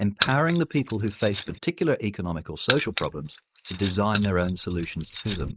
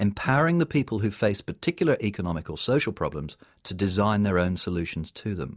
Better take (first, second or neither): second